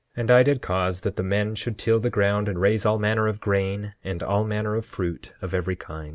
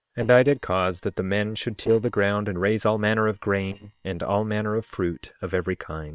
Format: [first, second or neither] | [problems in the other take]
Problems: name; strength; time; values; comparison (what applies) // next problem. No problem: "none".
first | noise reduction (neural separator model SepFormer WHAM!)